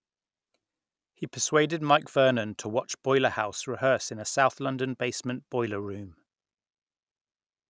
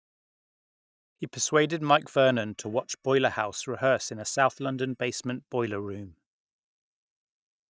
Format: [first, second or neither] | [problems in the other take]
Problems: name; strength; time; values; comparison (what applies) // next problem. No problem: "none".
first | noise reduction (neural mask model DeepFilterNet 3)